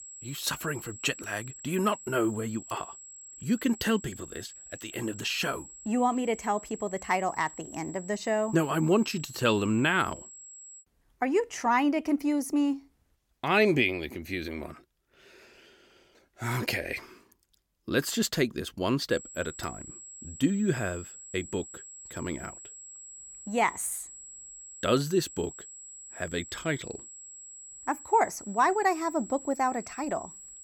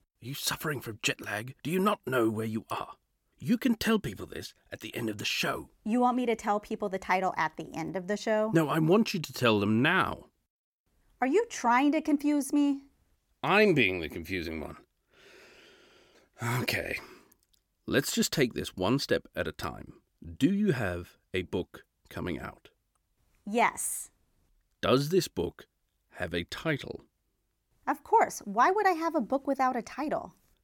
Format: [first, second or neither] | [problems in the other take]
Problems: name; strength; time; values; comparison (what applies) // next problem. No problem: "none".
second | high-pitched whine; noticeable; until 11 s and from 19 s on; 7.5 kHz, 15 dB below the speech